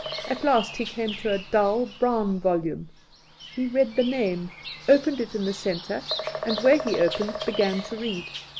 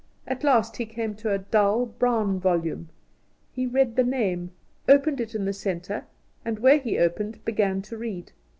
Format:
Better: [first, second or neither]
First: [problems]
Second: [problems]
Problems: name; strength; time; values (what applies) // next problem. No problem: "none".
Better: second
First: background sound (Bird vocalization, bird call, bird song); 11 dB below the speech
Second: none